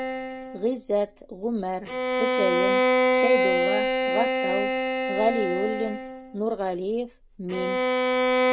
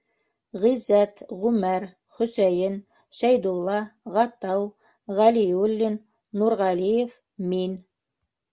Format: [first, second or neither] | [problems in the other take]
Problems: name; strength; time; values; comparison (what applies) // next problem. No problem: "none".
second | background sound (Bowed string instrument); 4 dB above the speech